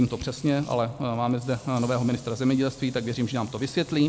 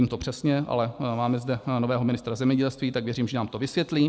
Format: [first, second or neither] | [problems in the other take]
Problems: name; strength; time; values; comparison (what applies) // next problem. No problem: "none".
second | background sound (Frying (food)); 17 dB below the speech